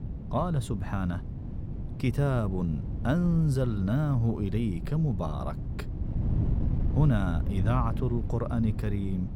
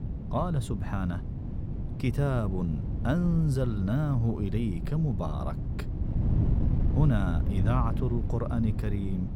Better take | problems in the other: first | wind noise on the microphone; heavy; 8 dB below the speech; occasional gusts in the first

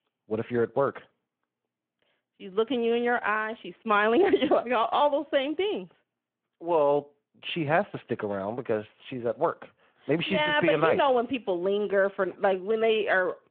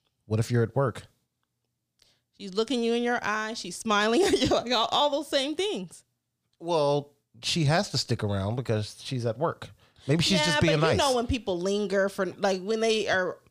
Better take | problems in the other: second | phone-call audio

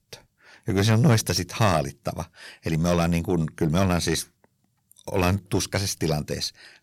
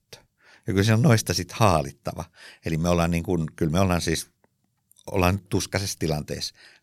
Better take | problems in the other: second | distortion; slight; 10 dB below the speech

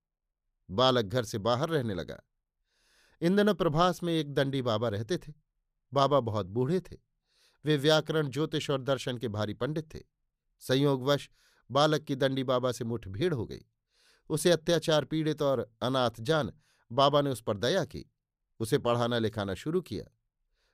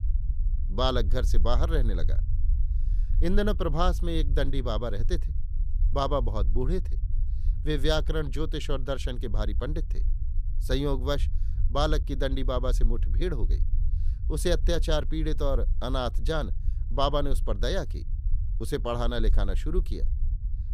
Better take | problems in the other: first | low rumble; faint; throughout; 20 dB below the speech

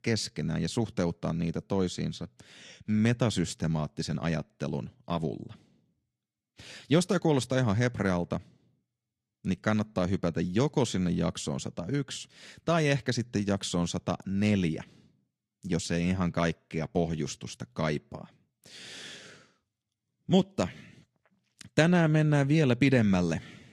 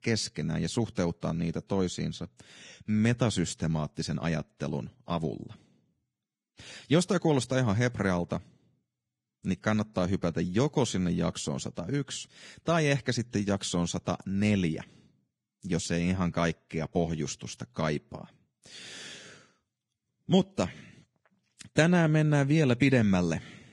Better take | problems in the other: first | garbled, watery; badly; slightly in the first

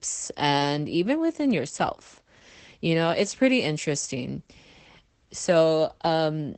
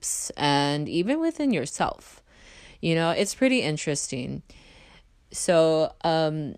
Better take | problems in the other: second | garbled, watery; badly; nothing above 8 kHz

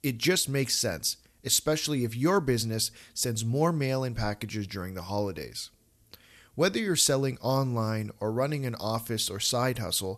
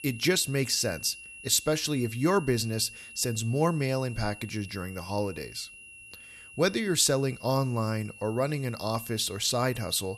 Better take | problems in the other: first | high-pitched whine; noticeable; throughout; 3 kHz, 15 dB below the speech

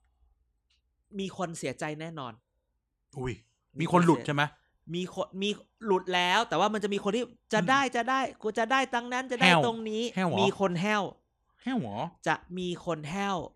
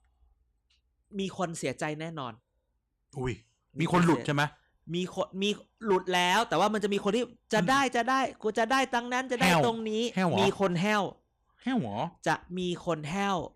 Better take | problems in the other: first | distortion; slight; 3% of the sound clipped

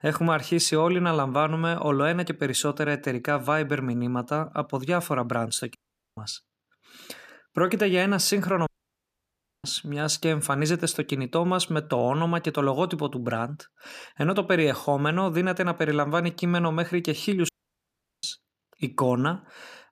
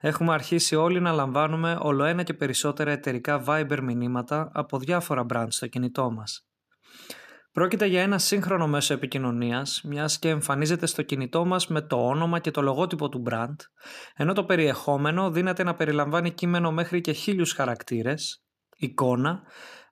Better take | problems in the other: second | audio cutting out; at 6 s, at 8.5 s for 1 s and at 17 s for 0.5 s

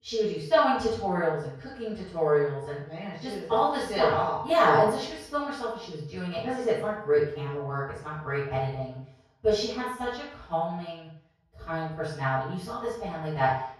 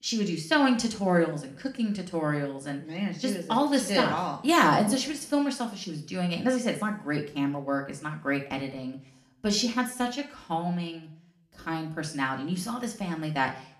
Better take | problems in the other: second | room echo; strong; dies away in 0.7 s; slight in the second // off-mic speech; far; somewhat distant in the second

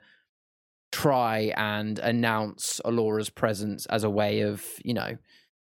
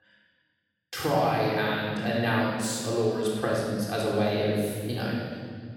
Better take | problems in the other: first | off-mic speech; far // room echo; strong; dies away in 2.4 s

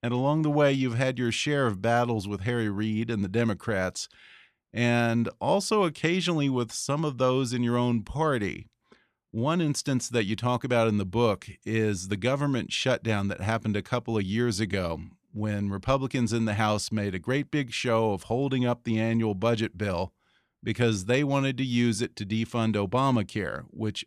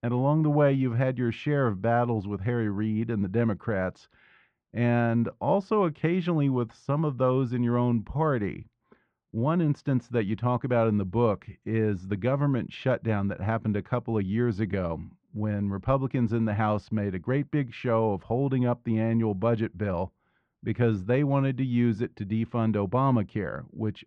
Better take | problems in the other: first | muffled; very; fading above 1.5 kHz

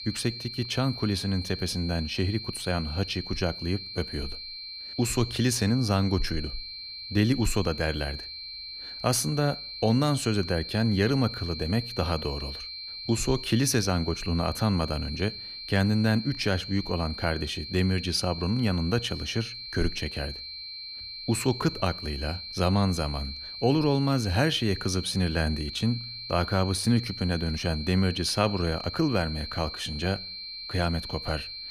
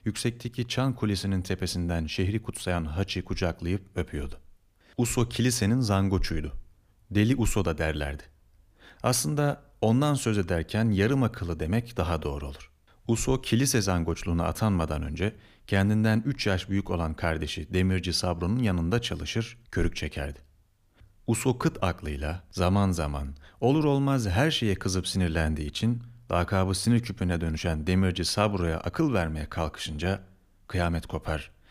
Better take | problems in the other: second | high-pitched whine; loud; throughout; 4 kHz, 8 dB below the speech

